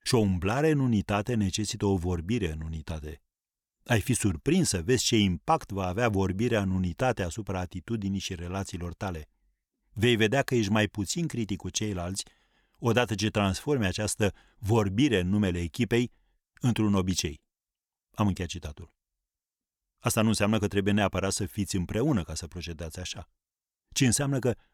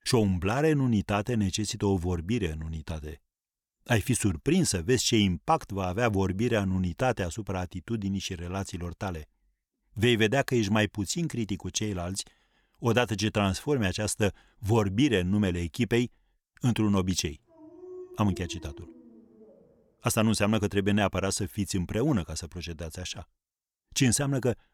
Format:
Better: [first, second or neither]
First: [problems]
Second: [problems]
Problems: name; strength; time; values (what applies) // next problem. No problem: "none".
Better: first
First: none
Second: dog barking; faint; from 18 to 20 s; peak 15 dB below the speech